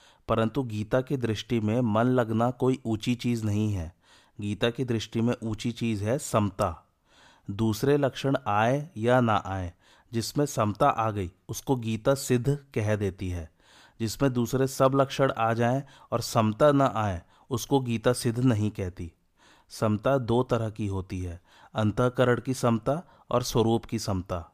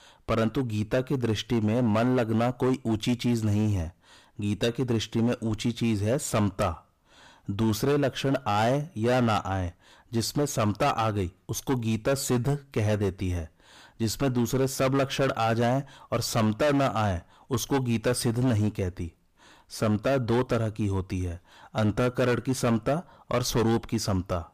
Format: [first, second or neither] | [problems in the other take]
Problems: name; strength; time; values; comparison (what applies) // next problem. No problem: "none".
first | distortion; heavy; 11% of the sound clipped